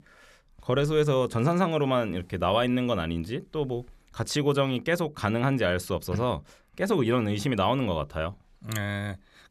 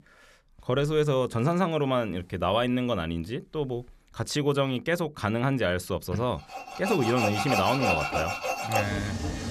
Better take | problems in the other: first | machinery noise; loud; from 7 s on; 2 dB below the speech

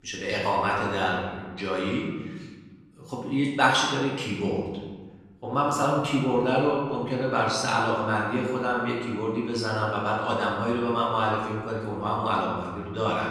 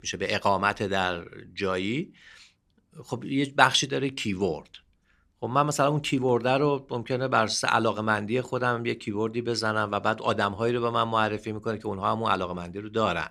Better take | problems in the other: second | room echo; noticeable; dies away in 1.2 s // off-mic speech; far

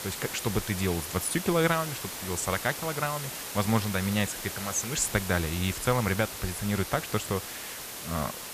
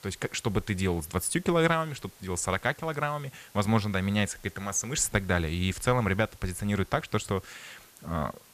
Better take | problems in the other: second | hiss; loud; throughout; 6 dB below the speech; faint in the second

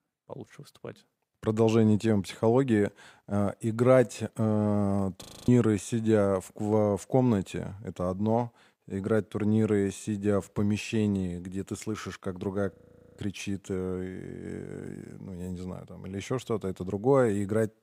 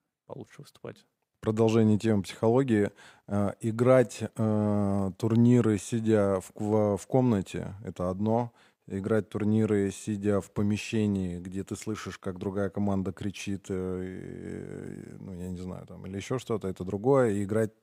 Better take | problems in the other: second | audio freezing; at 5 s and at 13 s

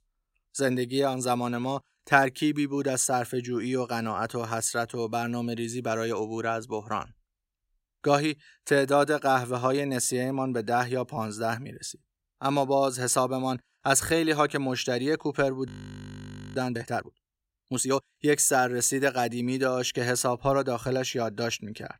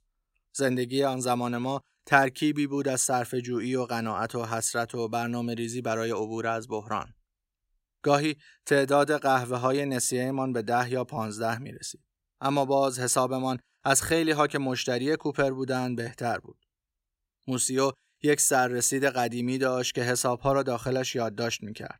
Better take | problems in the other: second | audio freezing; at 16 s for 1 s

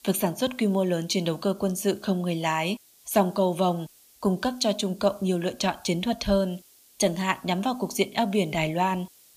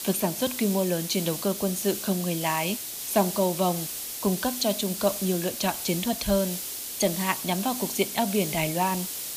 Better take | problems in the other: first | hiss; loud; throughout; 4 dB below the speech; faint in the first

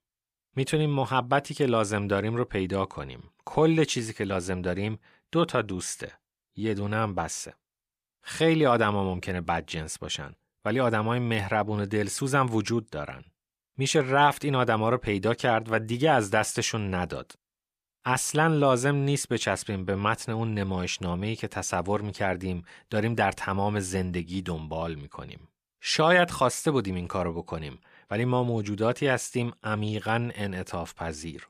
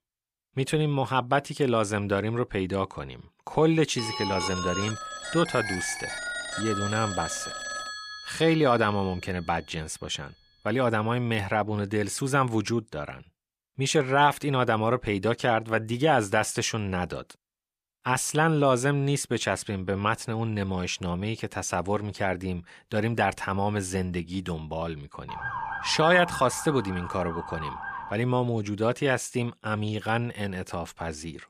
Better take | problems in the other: first | phone ringing; noticeable; from 4 to 9 s; peak 3 dB below the speech // siren; noticeable; from 25 to 28 s; peak 5 dB below the speech

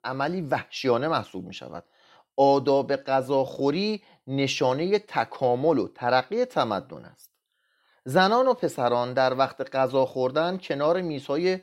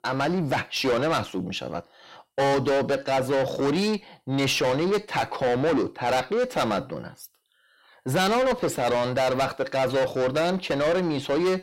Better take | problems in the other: first | distortion; heavy; 6 dB below the speech

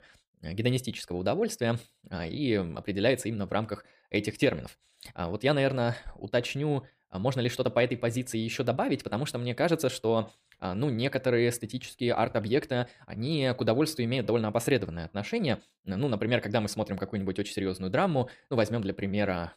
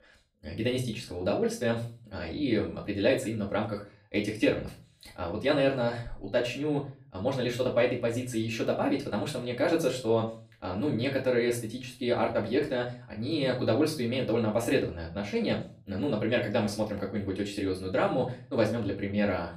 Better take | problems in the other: first | off-mic speech; far // room echo; slight; dies away in 0.3 s

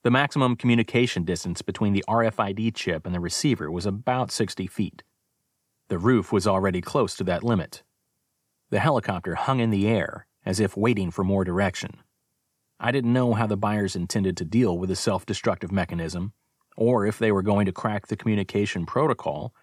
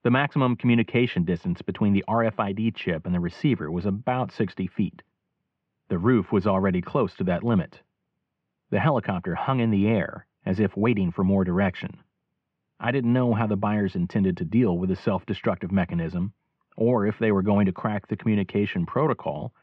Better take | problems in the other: first | muffled; very; fading above 3 kHz

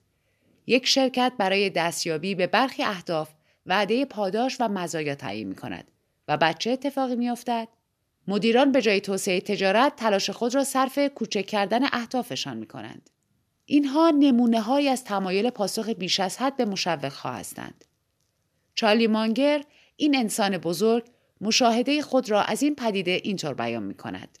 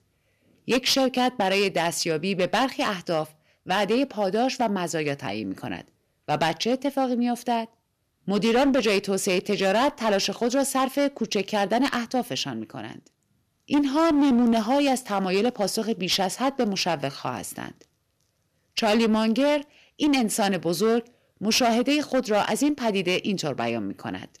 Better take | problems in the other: first | distortion; slight; 8% of the sound clipped

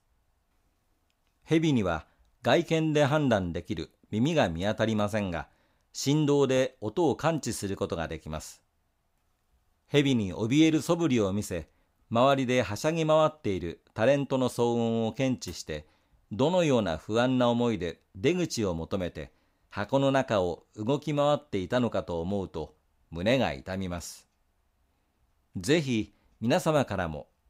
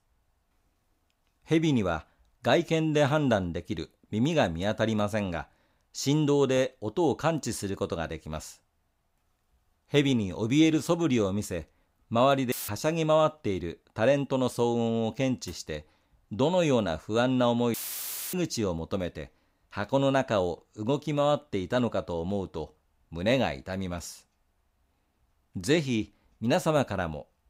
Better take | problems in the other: first | audio cutting out; filled with static; at 13 s and at 18 s for 0.5 s

